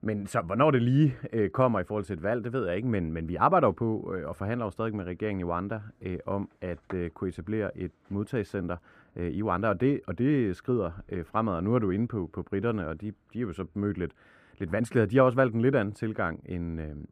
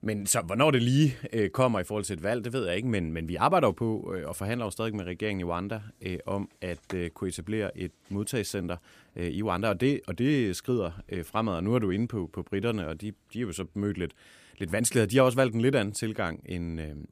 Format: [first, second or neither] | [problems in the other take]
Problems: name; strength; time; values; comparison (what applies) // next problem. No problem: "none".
second | muffled; very; fading above 3 kHz